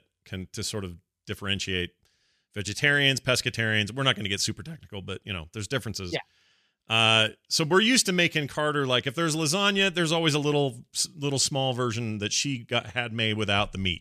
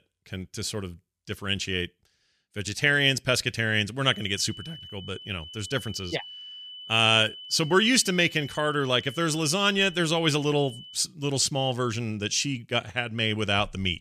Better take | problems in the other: first | high-pitched whine; noticeable; from 4 to 11 s; 3 kHz, 15 dB below the speech

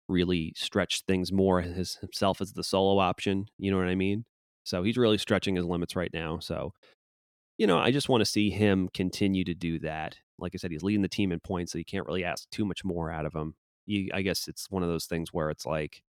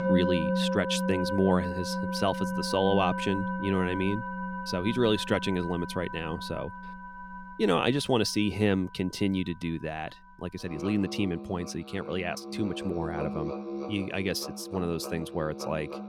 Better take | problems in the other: first | background music; loud; throughout; 5 dB below the speech

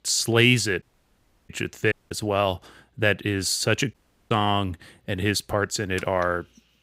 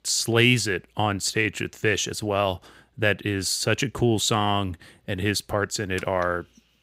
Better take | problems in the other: second | audio cutting out; at 1 s for 0.5 s, at 2 s and at 4 s

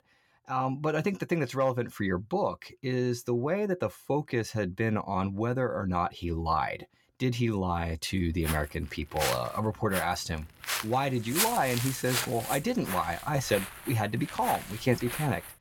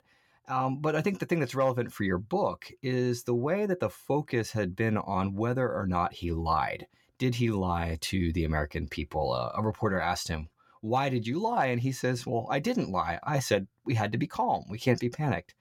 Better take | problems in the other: second | footsteps; loud; from 8.5 s on; peak 3 dB above the speech

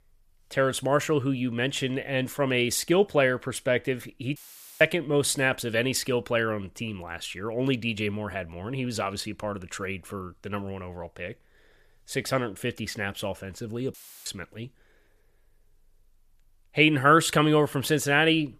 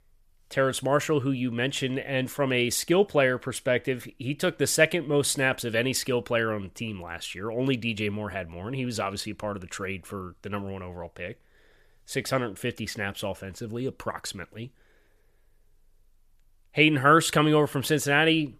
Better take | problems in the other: second | audio cutting out; filled with static; at 4.5 s and at 14 s

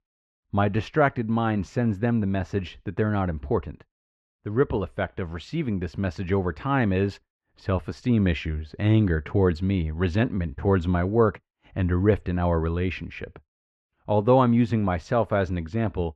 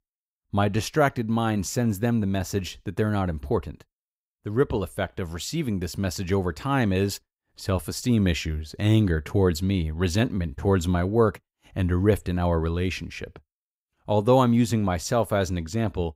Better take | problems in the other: second | muffled; slightly; fading above 2 kHz

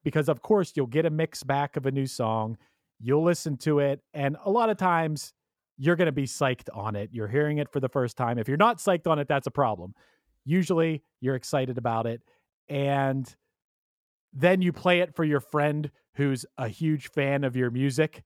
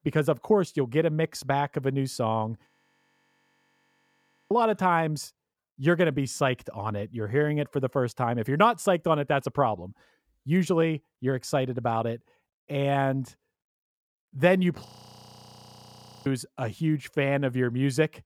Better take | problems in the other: first | audio freezing; at 2.5 s for 2 s and at 15 s for 1.5 s

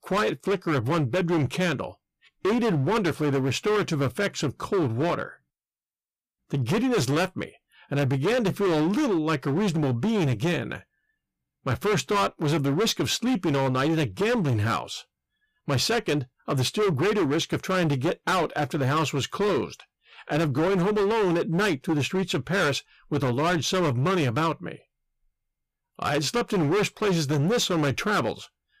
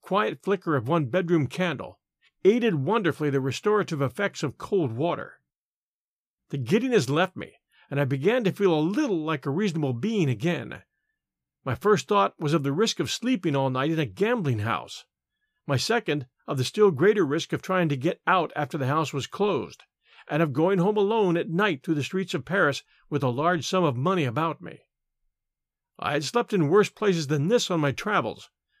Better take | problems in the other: second | distortion; heavy; 20% of the sound clipped

